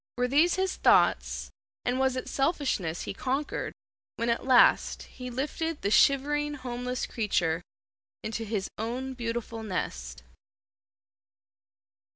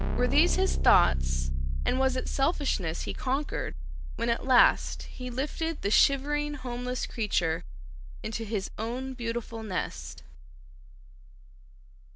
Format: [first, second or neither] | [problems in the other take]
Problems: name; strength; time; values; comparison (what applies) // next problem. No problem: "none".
first | background sound (Keyboard (musical)); 1 dB below the speech